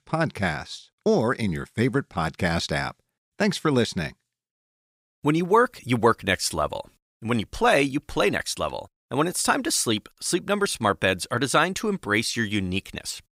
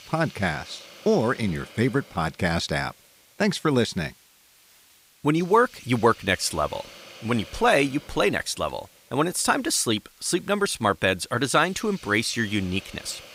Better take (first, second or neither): first